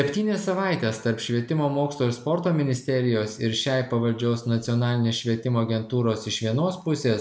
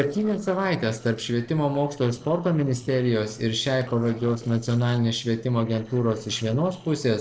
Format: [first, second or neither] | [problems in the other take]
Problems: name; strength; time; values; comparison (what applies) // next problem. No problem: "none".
first | noise reduction (neural separator model SepFormer DNS4)